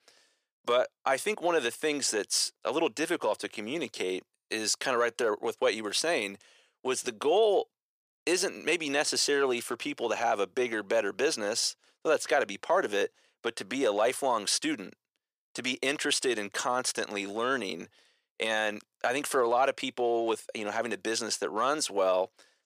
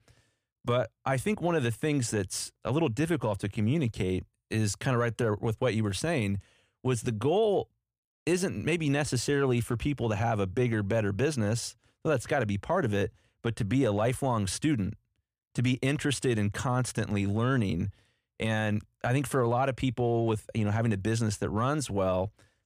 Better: second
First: thin; very; fading below 400 Hz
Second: none

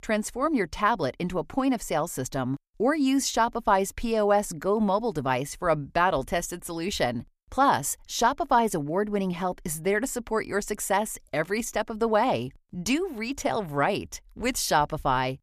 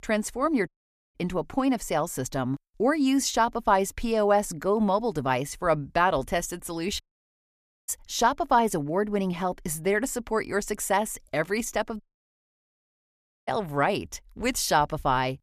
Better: first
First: none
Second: audio cutting out; at 0.5 s, at 7 s for 1 s and at 12 s for 1.5 s

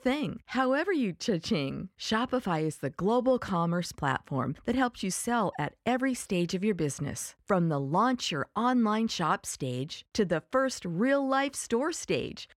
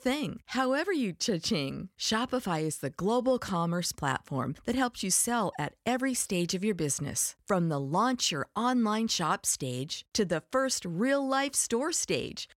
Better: second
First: muffled; slightly; fading above 4 kHz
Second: none

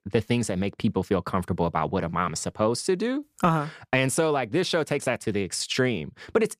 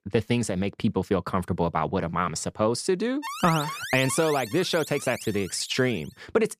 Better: first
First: none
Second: alarm; noticeable; from 3 to 6 s; peak 6 dB below the speech

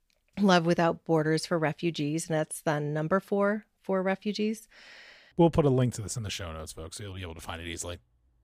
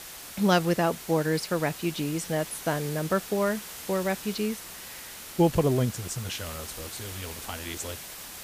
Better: first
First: none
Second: hiss; noticeable; throughout; 10 dB below the speech

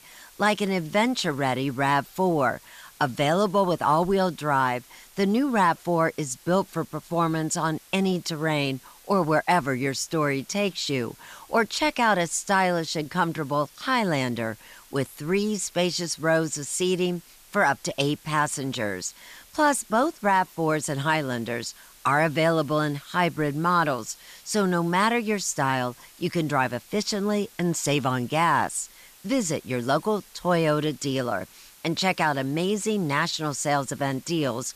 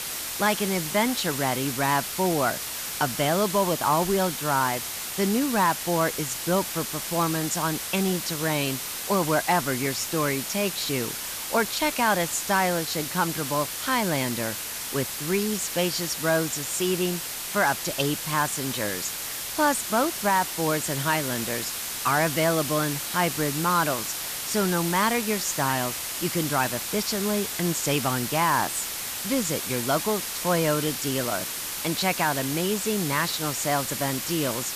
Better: first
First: hiss; faint; throughout; 25 dB below the speech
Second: hiss; loud; throughout; 3 dB below the speech

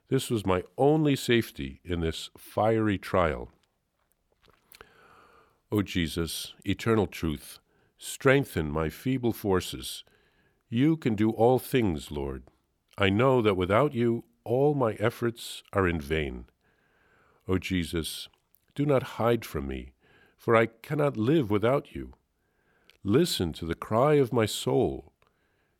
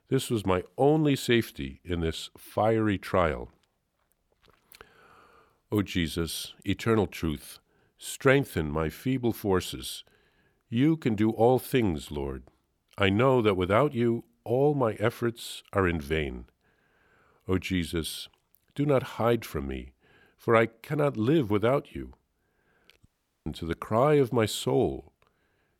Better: first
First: none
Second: audio cutting out; at 23 s

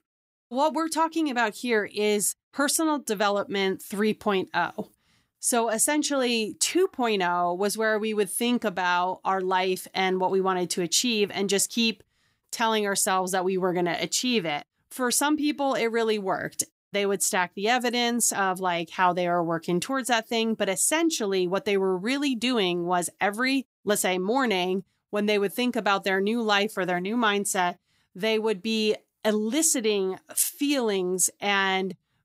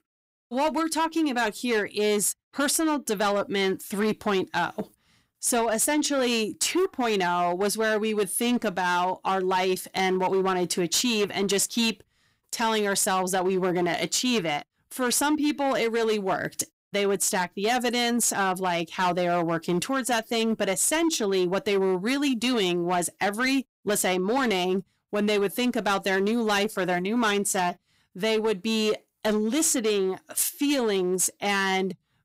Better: first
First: none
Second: distortion; slight; 12% of the sound clipped

